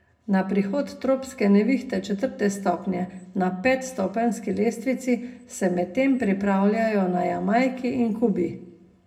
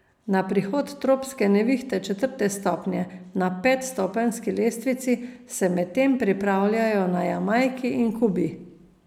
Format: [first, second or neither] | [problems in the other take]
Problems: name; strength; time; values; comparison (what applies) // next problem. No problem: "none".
second | room echo; dies away in 0.2 s